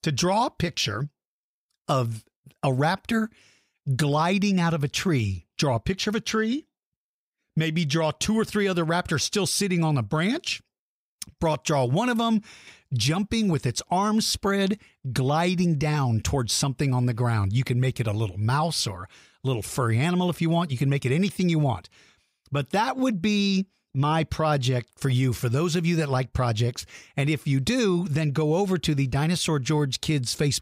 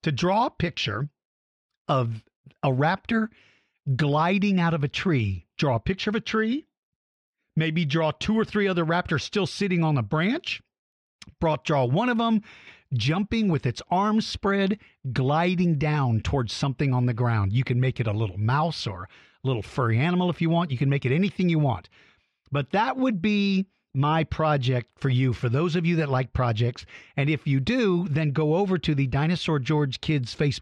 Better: first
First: none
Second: muffled; slightly; fading above 3 kHz

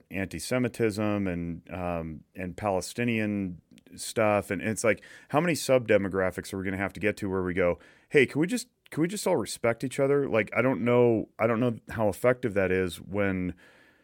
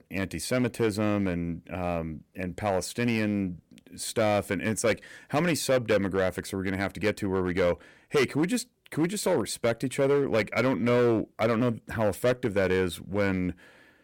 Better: first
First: none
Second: distortion; slight; 6% of the sound clipped

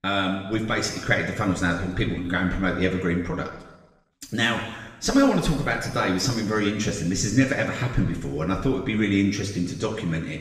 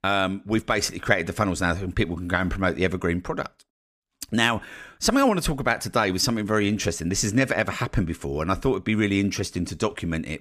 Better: second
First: room echo; noticeable; dies away in 1 s // off-mic speech; far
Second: none

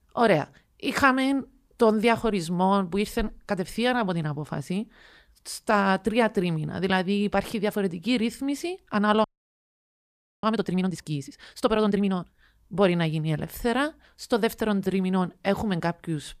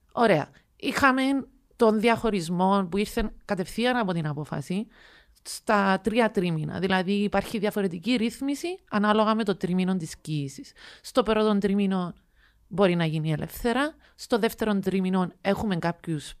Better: second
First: audio freezing; at 9 s for 1 s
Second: none

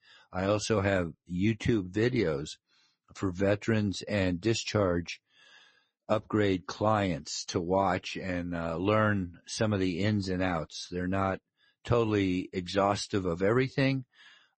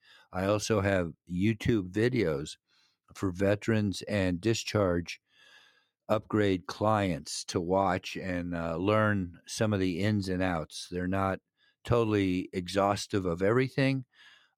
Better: second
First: garbled, watery; slightly; nothing above 8 kHz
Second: none

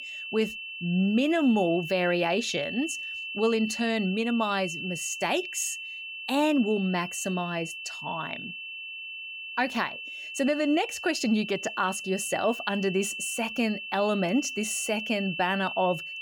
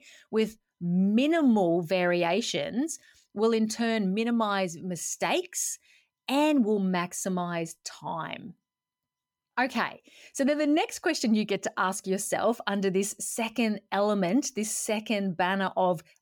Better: second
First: high-pitched whine; loud; throughout; 2.5 kHz, 7 dB below the speech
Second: none

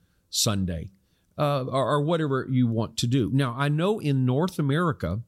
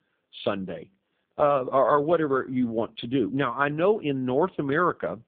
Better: first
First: none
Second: phone-call audio; poor line

